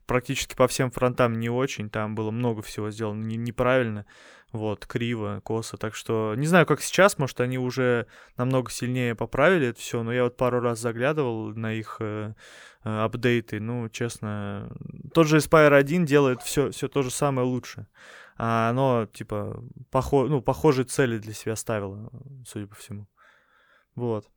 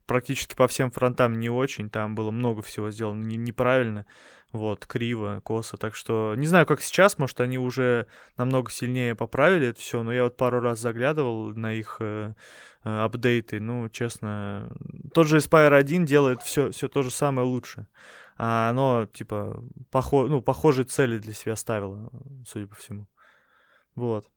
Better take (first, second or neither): first